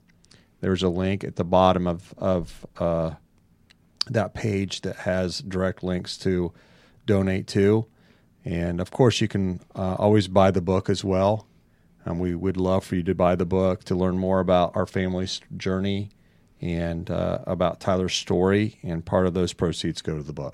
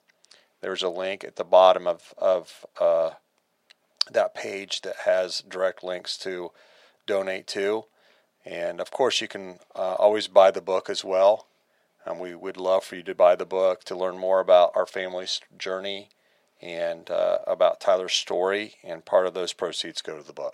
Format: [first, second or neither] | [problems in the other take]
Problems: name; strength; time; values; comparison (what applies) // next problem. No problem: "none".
first | thin; very; fading below 600 Hz